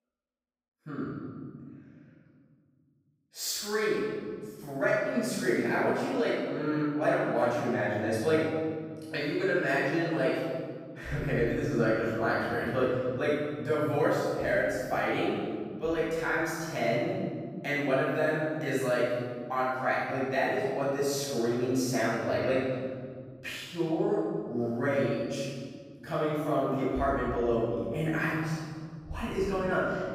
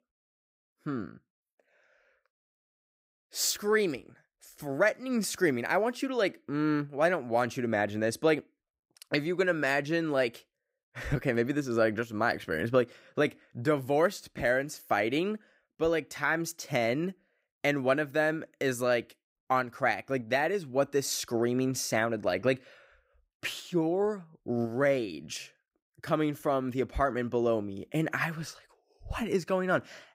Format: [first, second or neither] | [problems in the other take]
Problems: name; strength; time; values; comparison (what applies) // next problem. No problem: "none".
second | off-mic speech; far // room echo; strong; dies away in 1.9 s